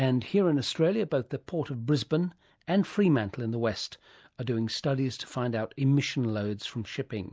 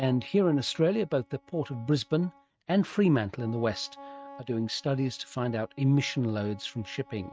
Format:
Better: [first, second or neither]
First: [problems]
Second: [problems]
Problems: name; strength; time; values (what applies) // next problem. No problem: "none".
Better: first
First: none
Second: noise reduction (neural mask model RNNoise)